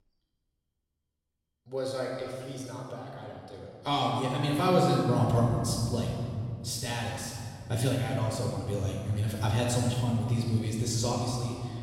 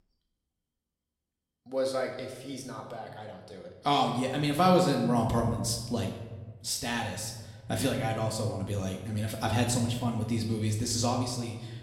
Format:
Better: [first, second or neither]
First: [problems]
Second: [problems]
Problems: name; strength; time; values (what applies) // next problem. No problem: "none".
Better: second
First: room echo; strong; dies away in 2.8 s // off-mic speech; far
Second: room echo; slight; dies away in 1 s // off-mic speech; somewhat distant